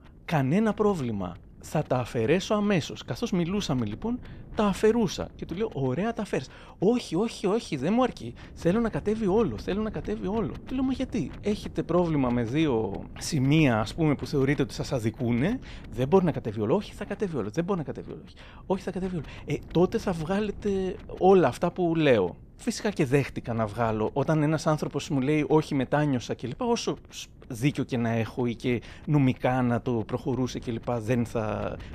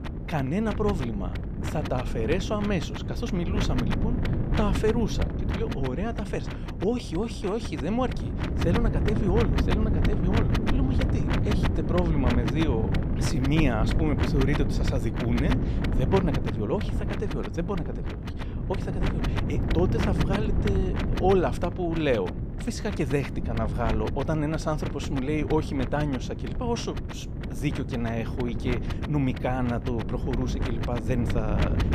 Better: first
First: wind noise on the microphone; occasional gusts; 25 dB below the speech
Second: wind noise on the microphone; heavy; 4 dB below the speech

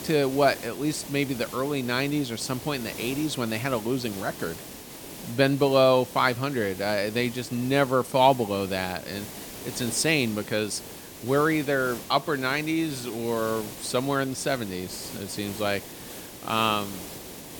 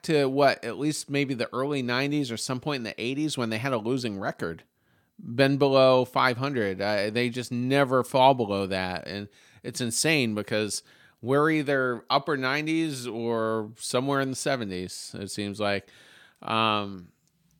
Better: second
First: hiss; noticeable; throughout; 15 dB below the speech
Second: none

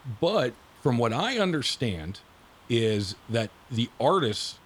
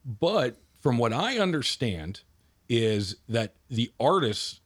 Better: second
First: hiss; faint; throughout; 25 dB below the speech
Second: none

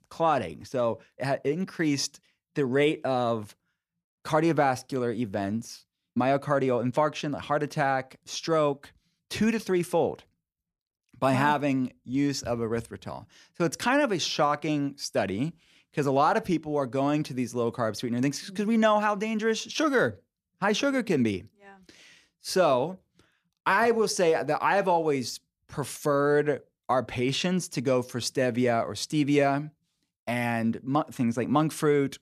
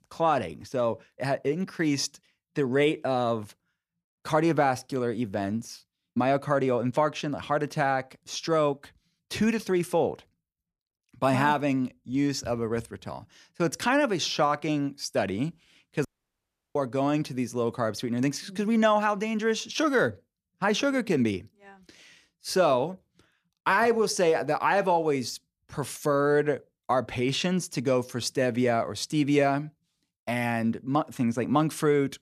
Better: first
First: none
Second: audio cutting out; at 16 s for 0.5 s

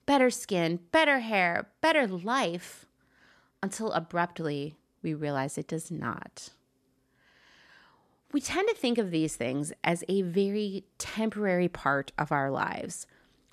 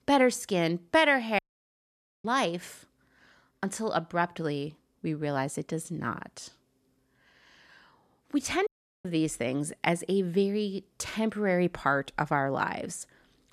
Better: first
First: none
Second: audio cutting out; at 1.5 s for 1 s and at 8.5 s

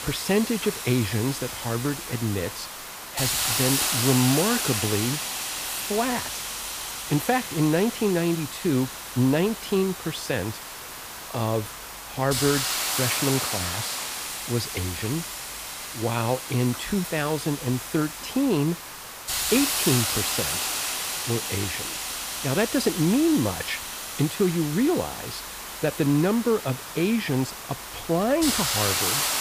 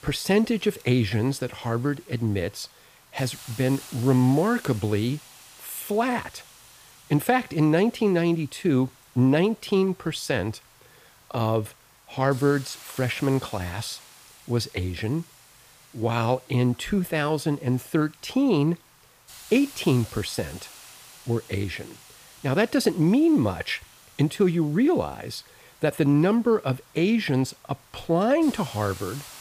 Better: second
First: hiss; loud; throughout; 2 dB below the speech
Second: hiss; faint; throughout; 20 dB below the speech

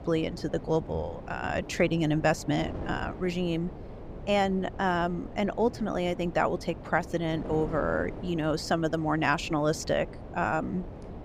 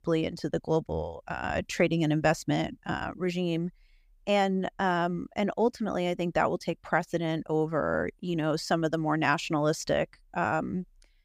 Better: second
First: wind noise on the microphone; occasional gusts; 15 dB below the speech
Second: none

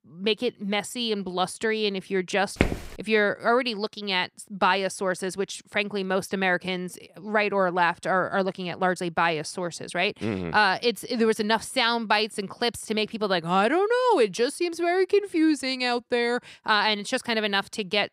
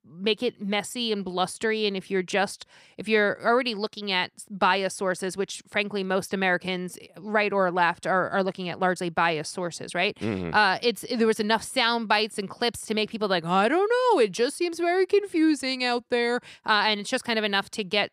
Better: second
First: footsteps; noticeable; at 2.5 s; peak 2 dB below the speech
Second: none

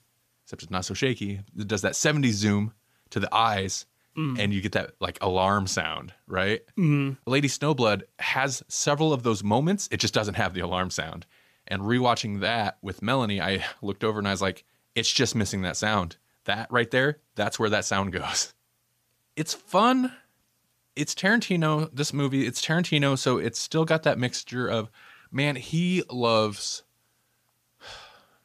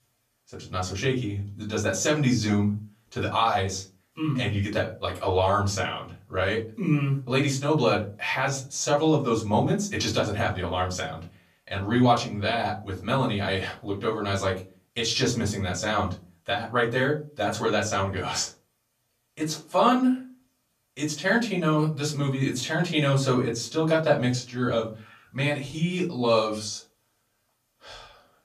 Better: first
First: none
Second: off-mic speech; far // room echo; very slight; dies away in 0.3 s

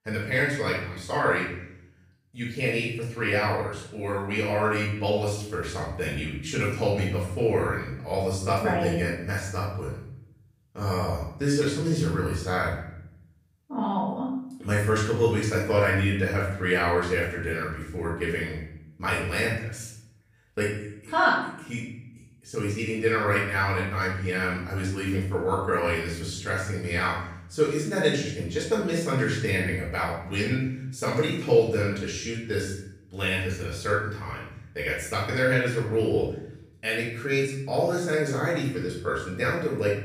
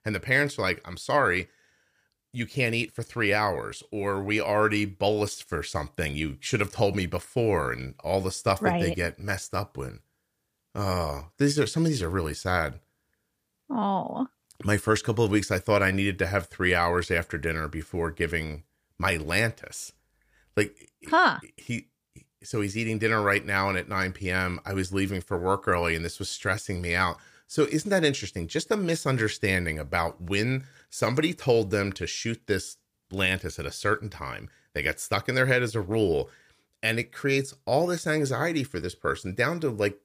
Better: second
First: off-mic speech; far // room echo; noticeable; dies away in 0.7 s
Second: none

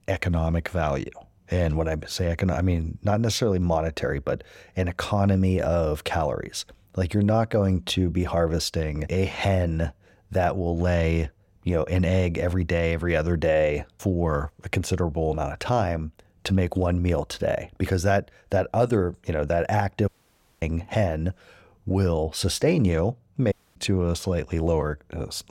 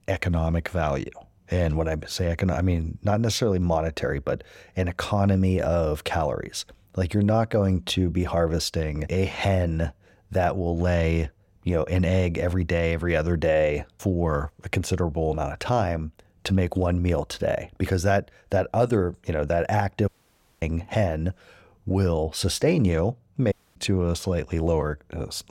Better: neither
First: audio cutting out; at 20 s for 0.5 s and at 24 s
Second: audio cutting out; at 20 s for 0.5 s and at 24 s

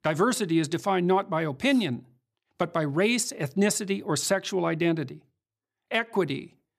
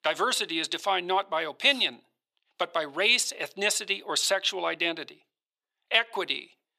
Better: first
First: none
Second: thin; very; fading below 600 Hz

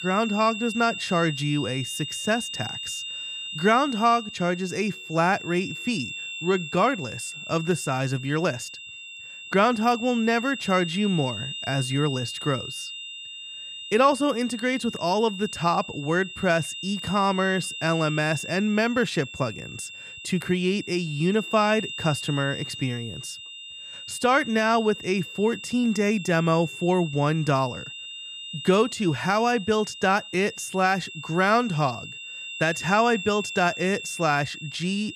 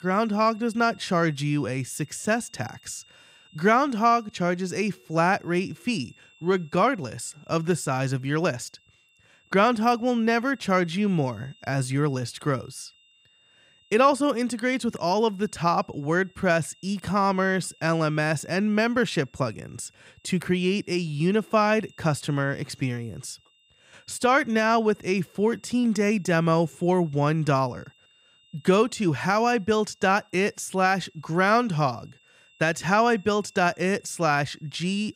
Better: second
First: high-pitched whine; loud; throughout; 3 kHz, 10 dB below the speech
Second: high-pitched whine; faint; throughout; 3 kHz, 30 dB below the speech

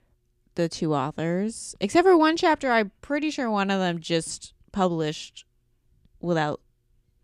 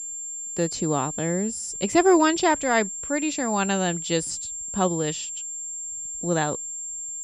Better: first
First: none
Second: high-pitched whine; loud; throughout; 7.5 kHz, 6 dB below the speech

